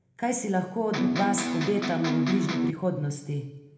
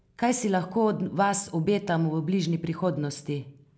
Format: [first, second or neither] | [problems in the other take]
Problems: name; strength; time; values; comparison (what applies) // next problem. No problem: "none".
second | background sound (Electric guitar); 1 dB above the speech // room echo; dies away in 0.7 s